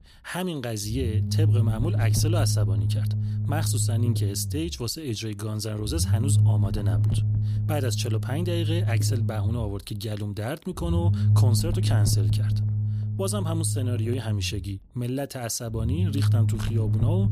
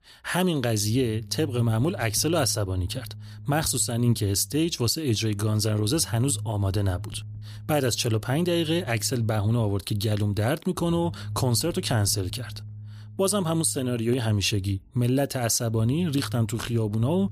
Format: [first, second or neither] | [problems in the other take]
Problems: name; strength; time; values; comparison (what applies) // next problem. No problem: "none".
second | low rumble; loud; throughout; 5 dB below the speech; faint in the second